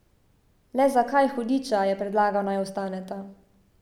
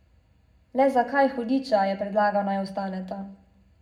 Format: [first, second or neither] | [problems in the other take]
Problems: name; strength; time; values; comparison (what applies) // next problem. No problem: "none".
first | room echo; dies away in 0.3 s